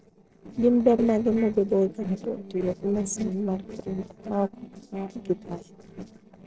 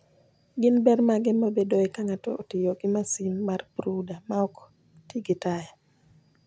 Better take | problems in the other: second | noise reduction (neural separator model SepFormer DNS4)

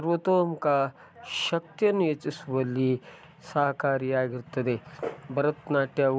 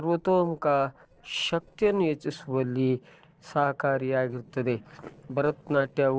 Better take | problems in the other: first | noise reduction (neural separator model SepFormer DNS4)

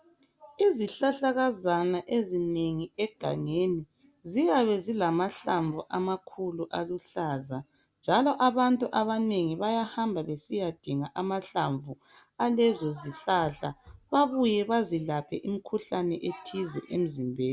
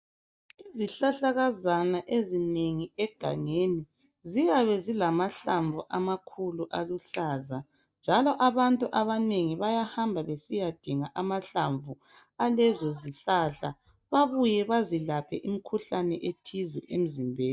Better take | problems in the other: first | noise reduction (neural mask model DeepFilterNet 3)

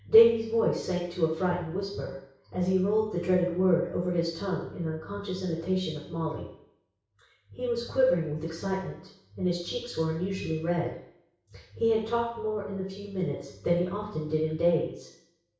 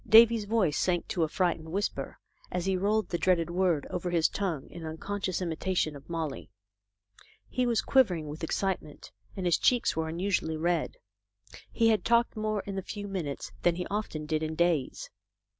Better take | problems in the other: second | room echo; dies away in 0.6 s

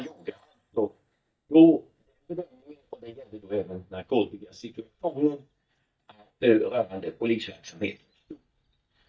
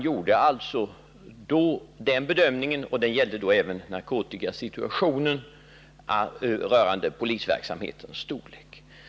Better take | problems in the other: second | noise reduction (neural mask model DeepFilterNet 3)

